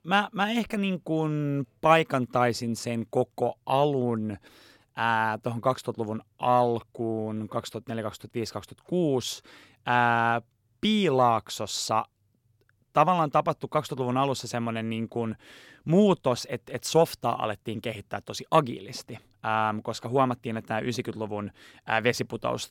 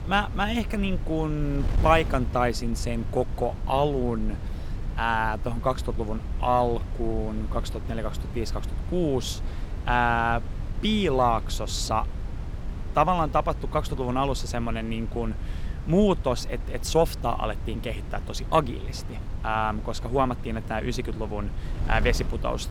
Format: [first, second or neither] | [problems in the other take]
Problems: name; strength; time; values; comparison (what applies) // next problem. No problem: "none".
first | wind noise on the microphone; occasional gusts; 20 dB below the speech